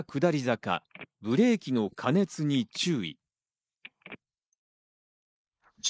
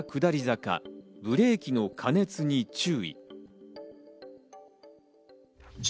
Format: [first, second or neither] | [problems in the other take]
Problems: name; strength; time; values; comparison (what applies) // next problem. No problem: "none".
second | noise reduction (neural mask model Resemble Enhance denoiser)